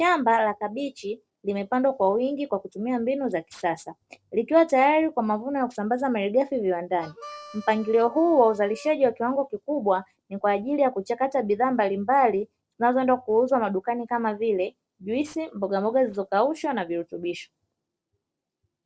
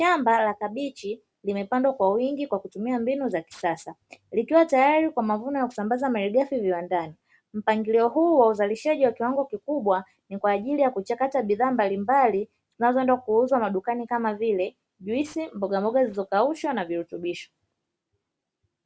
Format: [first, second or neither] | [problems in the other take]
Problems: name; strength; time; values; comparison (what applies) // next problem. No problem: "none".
second | noise reduction (neural separator model SepFormer DNS4)